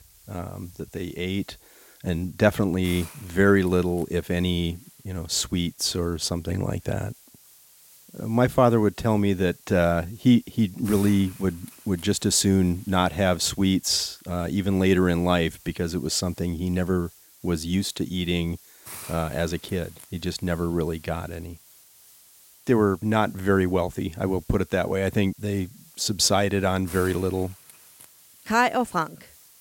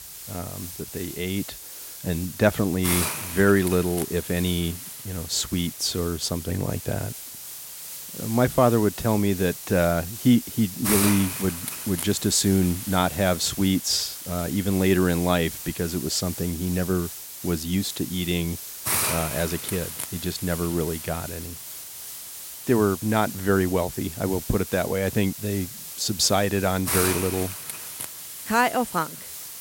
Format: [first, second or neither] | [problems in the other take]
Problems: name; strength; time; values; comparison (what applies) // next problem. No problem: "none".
first | hiss; loud; throughout; 7 dB below the speech; faint in the first